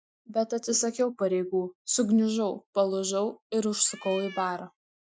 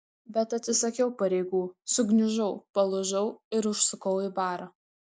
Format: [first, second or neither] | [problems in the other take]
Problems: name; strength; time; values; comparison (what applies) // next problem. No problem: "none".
second | noise reduction (classical method Wiener filter)